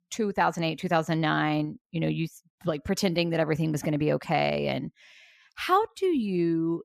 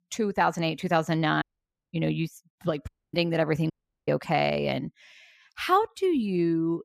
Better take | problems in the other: first | audio cutting out; at 1.5 s for 0.5 s, at 3 s and at 3.5 s

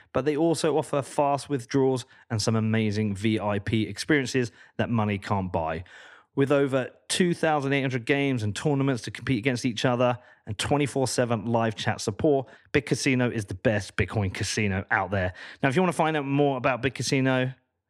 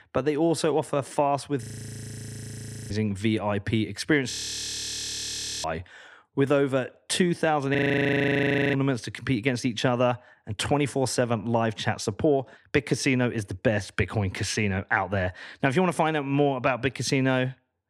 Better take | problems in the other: first | audio freezing; at 1.5 s for 1.5 s, at 4.5 s for 1.5 s and at 8 s for 1 s

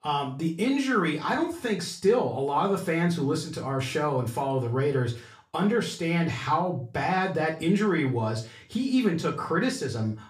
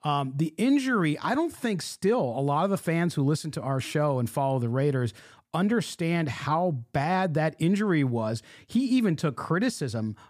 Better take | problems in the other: second | room echo; slight; dies away in 0.3 s // off-mic speech; far

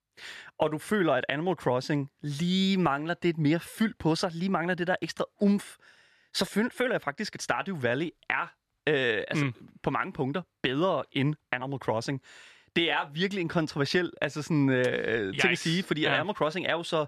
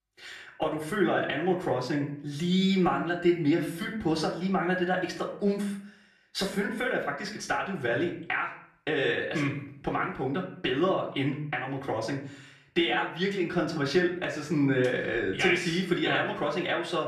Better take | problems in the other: first | room echo; slight; dies away in 0.5 s // off-mic speech; far

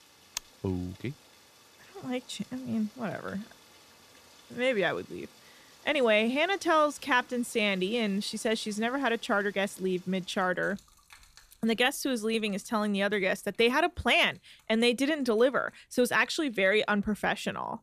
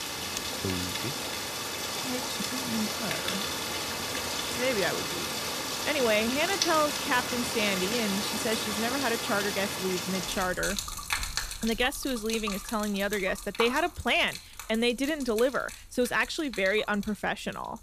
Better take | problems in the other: first | rain or running water; loud; throughout; 2 dB below the speech; faint in the first

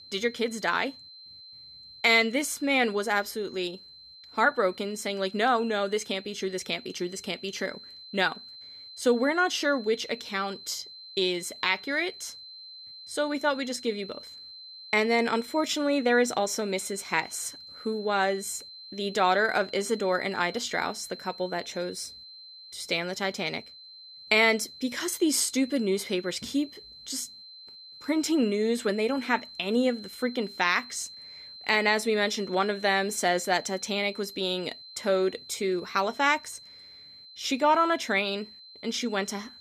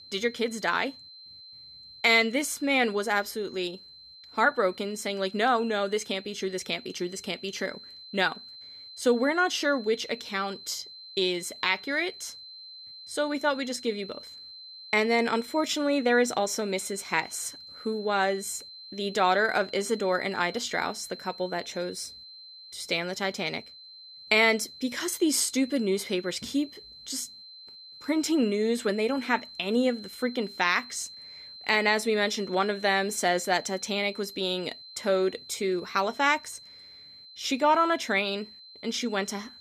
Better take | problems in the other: neither | high-pitched whine; noticeable; throughout; 4 kHz, 15 dB below the speech; the same in both

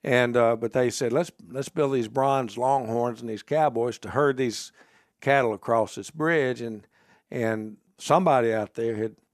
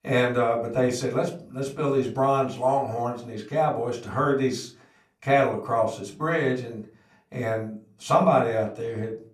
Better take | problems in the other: first | off-mic speech; far // room echo; very slight; dies away in 0.3 s

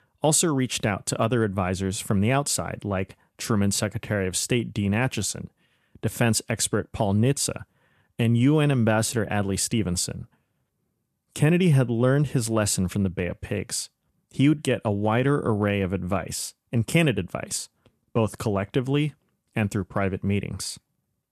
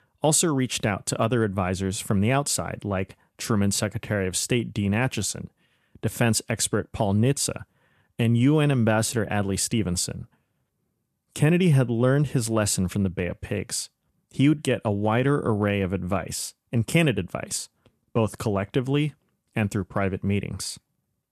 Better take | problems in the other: neither | none

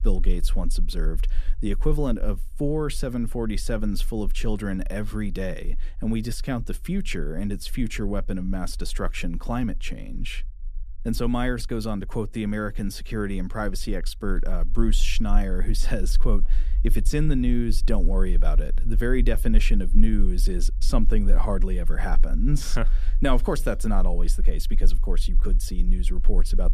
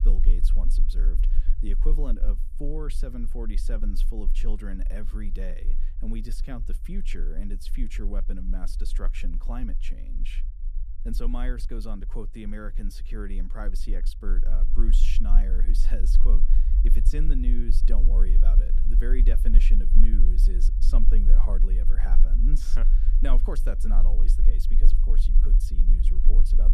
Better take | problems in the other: first | low rumble; loud; throughout; 10 dB below the speech; faint in the first

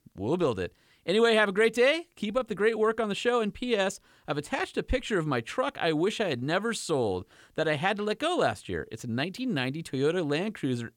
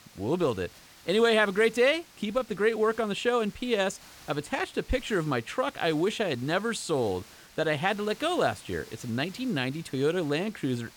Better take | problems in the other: first | hiss; faint; throughout; 20 dB below the speech

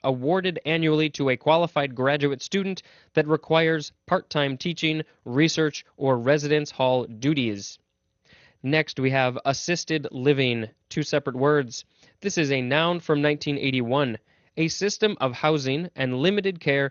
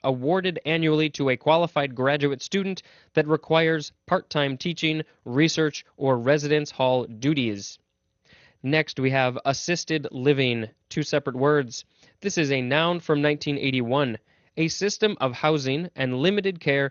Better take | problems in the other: neither | garbled, watery; slightly; nothing above 6.5 kHz; the same in both

